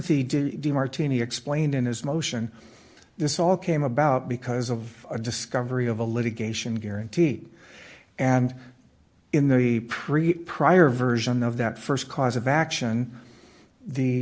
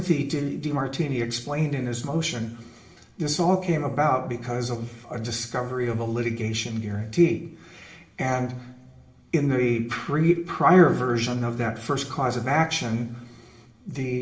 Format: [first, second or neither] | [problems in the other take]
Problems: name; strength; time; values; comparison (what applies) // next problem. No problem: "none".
first | room echo; dies away in 0.8 s